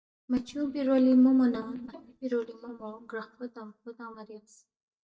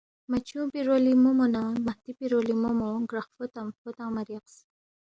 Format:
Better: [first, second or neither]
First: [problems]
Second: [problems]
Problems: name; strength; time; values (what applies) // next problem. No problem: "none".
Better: second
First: noise reduction (neural mask model DeepFilterNet 3)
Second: none